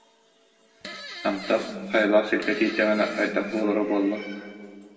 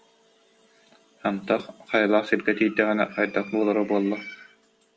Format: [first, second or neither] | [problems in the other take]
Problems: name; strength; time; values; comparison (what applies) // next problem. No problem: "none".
second | background sound (Fart); 13 dB below the speech // room echo; dies away in 1.8 s